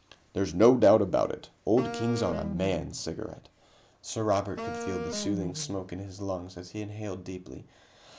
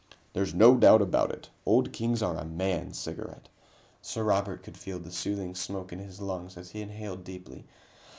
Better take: second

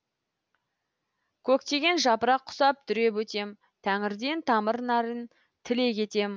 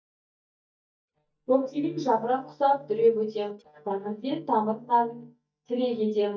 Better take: first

